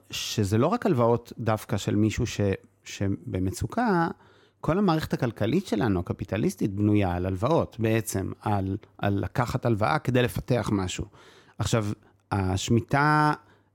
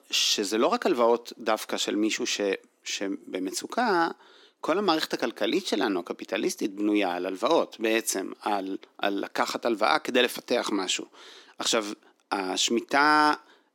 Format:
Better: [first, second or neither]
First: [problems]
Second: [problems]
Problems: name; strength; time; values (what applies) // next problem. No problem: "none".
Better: first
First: none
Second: thin; somewhat; fading below 250 Hz